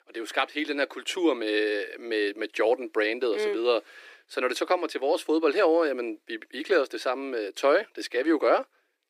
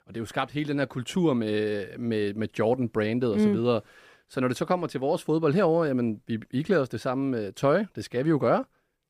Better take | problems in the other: second | thin; very; fading below 300 Hz

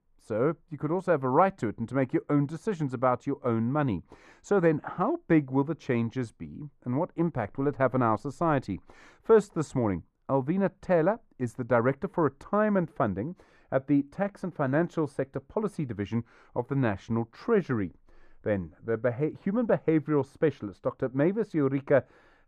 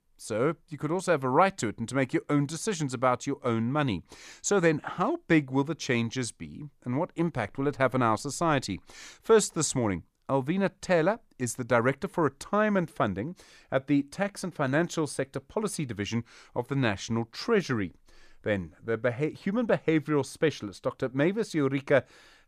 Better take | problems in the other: second | muffled; very; fading above 2.5 kHz

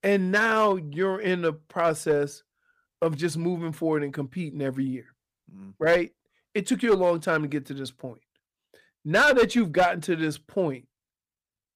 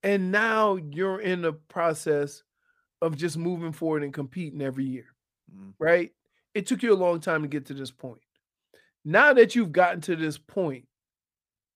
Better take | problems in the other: second | distortion; slight; 2% of the sound clipped

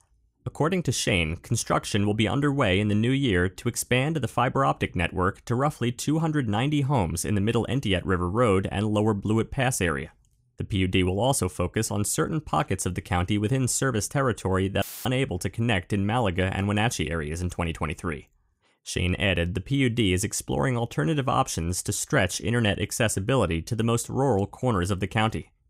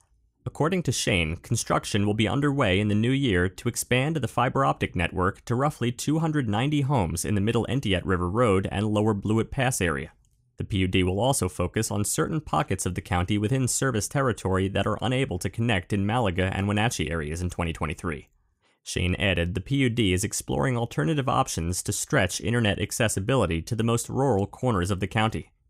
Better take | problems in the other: second | audio cutting out; filled with static; at 15 s

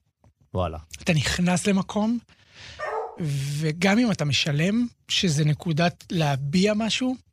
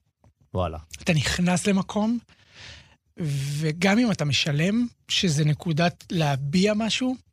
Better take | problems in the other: second | dog barking; noticeable; at 3 s; peak 7 dB below the speech

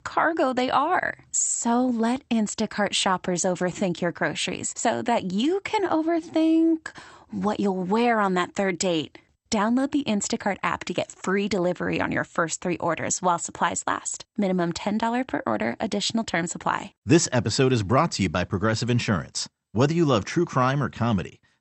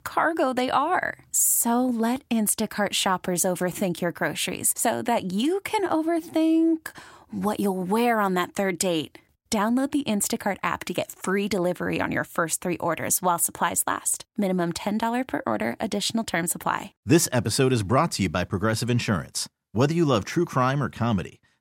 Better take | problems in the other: second | garbled, watery; slightly; nothing above 8 kHz

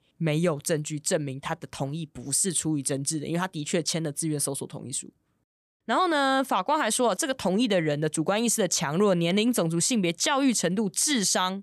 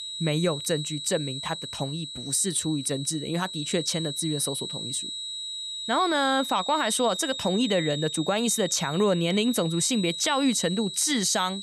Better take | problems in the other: first | high-pitched whine; loud; throughout; 4 kHz, 7 dB below the speech

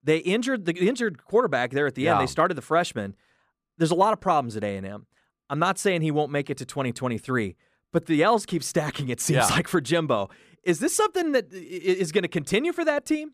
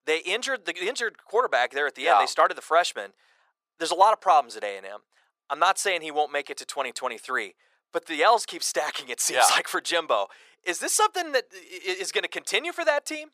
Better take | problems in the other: first | thin; very; fading below 550 Hz

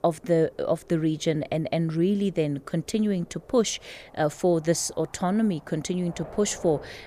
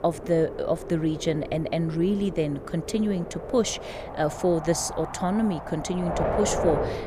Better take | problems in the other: first | wind noise on the microphone; heavy; 5 dB below the speech; occasional gusts in the first

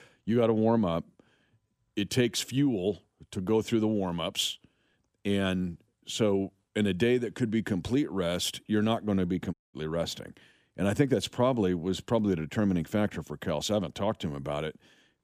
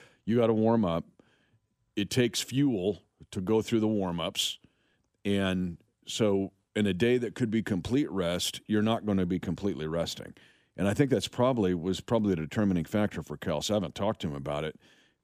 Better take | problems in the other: second | audio cutting out; at 9.5 s

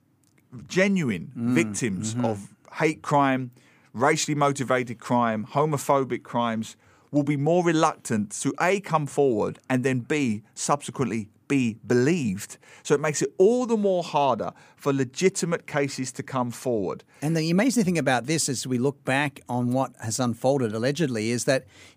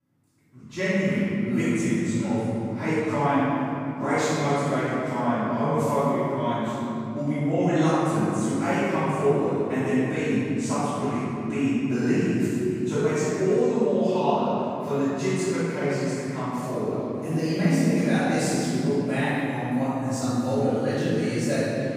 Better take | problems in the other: first | off-mic speech; far // room echo; strong; dies away in 3 s

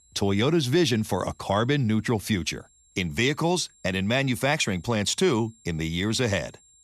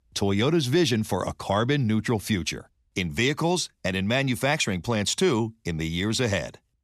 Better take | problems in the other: second | high-pitched whine; faint; throughout; 7.5 kHz, 30 dB below the speech

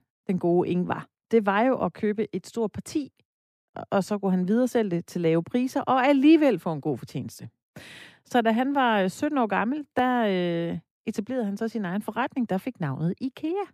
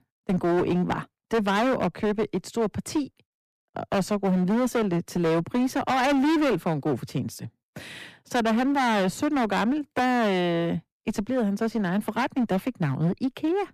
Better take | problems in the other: first | distortion; heavy; 18% of the sound clipped

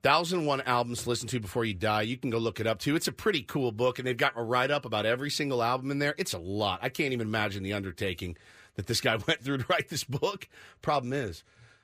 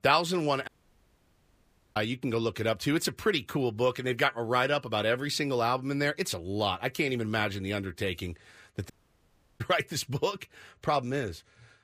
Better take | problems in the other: first | audio cutting out; at 0.5 s for 1.5 s and at 9 s for 0.5 s

